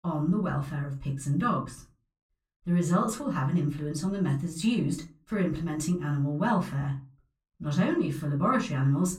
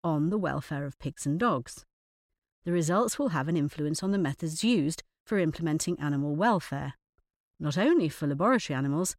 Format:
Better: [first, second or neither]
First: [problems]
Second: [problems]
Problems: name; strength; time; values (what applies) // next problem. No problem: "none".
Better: second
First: off-mic speech; far // room echo; very slight; dies away in 0.3 s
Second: none